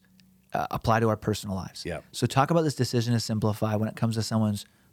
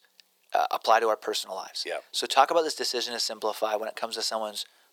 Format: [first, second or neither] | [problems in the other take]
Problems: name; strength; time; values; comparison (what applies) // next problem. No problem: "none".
first | thin; very; fading below 400 Hz